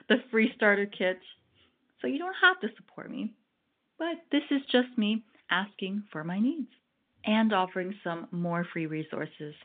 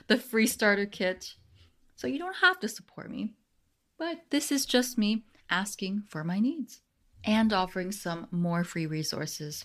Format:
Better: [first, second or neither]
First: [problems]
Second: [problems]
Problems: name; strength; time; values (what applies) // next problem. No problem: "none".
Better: second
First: phone-call audio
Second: none